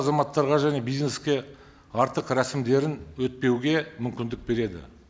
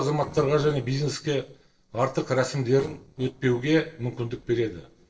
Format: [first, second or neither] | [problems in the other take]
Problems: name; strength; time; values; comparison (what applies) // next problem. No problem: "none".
first | noise reduction (neural separator model SepFormer DNS4)